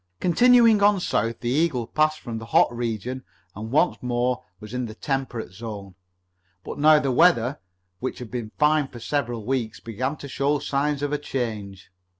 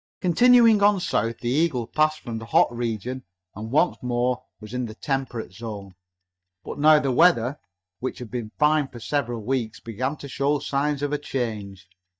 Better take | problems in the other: first | noise reduction (neural mask model DeepFilterNet 3)

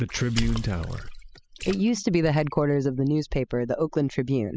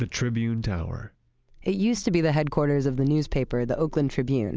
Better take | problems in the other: second | noise reduction (classical method spectral subtraction)

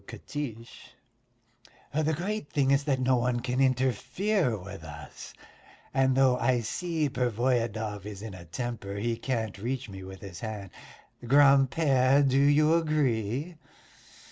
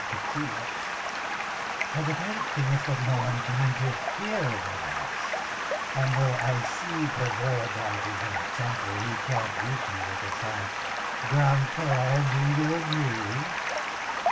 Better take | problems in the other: first | background sound (Stream); 1 dB below the speech // room echo; dies away in 0.2 s

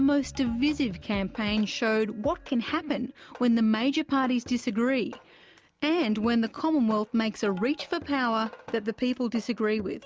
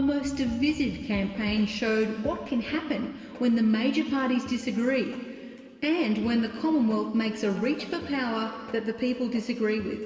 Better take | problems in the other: first | room echo; dies away in 2.5 s

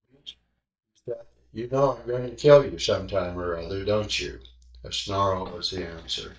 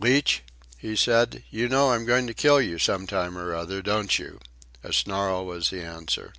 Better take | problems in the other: second | noise reduction (neural mask model DeepFilterNet 3)

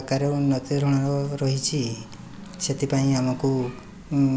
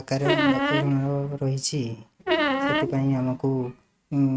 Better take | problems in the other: first | noise reduction (neural mask model RNNoise)

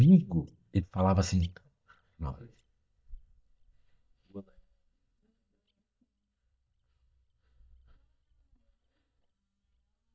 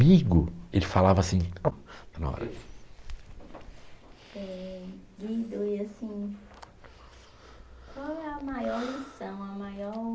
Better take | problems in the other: second | noise reduction (neural mask model DeepFilterNet 3)

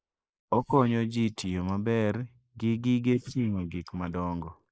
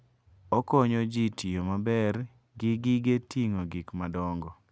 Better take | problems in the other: second | noise reduction (neural mask model Resemble Enhance denoiser)

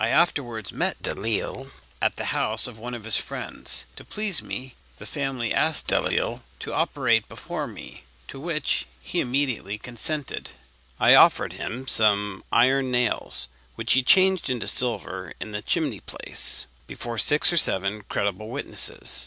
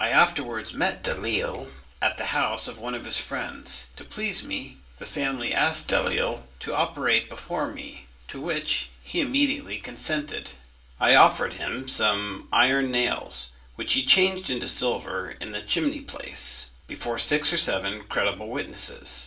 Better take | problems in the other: first | room echo; dies away in 0.3 s

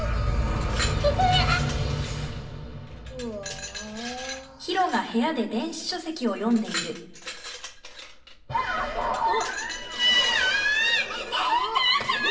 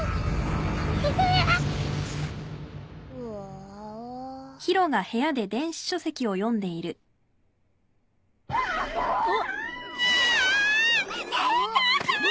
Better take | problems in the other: second | background sound (Glass); 14 dB below the speech // room echo; dies away in 0.7 s

